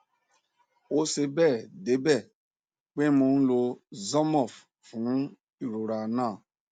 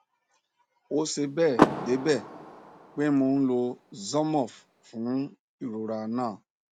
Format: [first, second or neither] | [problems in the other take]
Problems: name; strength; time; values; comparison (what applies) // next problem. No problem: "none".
first | background sound (Car); 3 dB below the speech